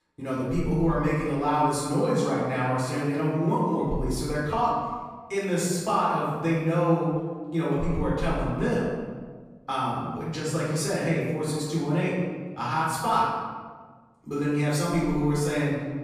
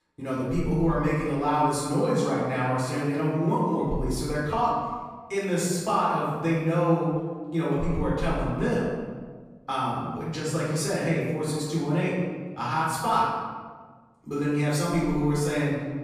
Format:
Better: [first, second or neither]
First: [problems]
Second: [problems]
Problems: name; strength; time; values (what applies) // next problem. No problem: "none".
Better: neither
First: off-mic speech; far // room echo; strong; dies away in 1.4 s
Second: off-mic speech; far // room echo; strong; dies away in 1.4 s